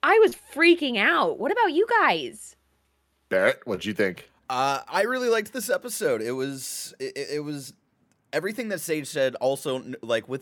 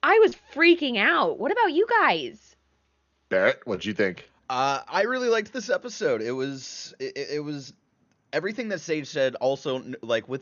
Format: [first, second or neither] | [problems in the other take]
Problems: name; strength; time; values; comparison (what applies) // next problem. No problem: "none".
first | garbled, watery; slightly; nothing above 6.5 kHz